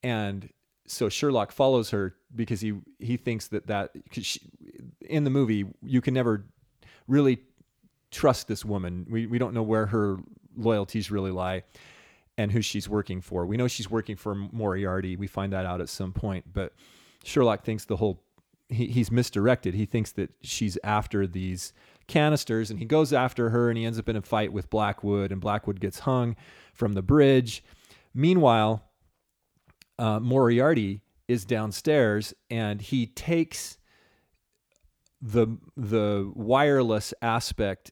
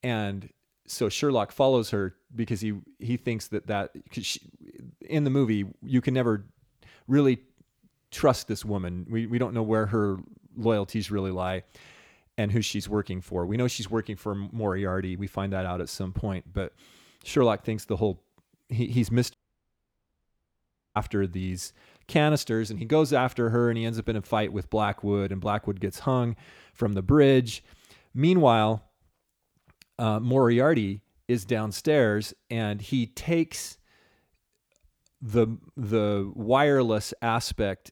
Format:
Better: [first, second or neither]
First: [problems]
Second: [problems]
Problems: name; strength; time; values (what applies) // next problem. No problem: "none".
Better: first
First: none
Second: audio cutting out; at 19 s for 1.5 s